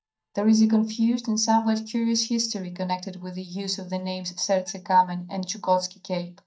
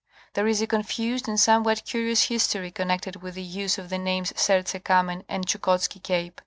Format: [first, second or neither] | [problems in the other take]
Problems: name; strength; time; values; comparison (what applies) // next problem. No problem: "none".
second | noise reduction (neural mask model DeepFilterNet 3)